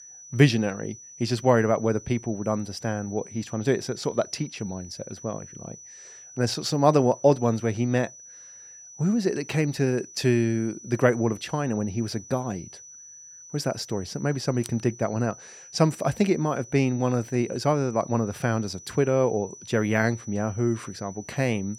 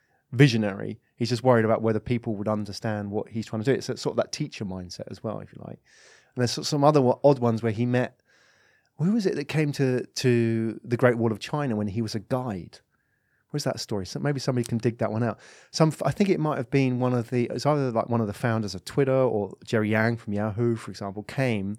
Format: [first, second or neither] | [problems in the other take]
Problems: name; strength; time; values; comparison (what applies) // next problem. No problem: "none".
second | high-pitched whine; noticeable; throughout; 6 kHz, 20 dB below the speech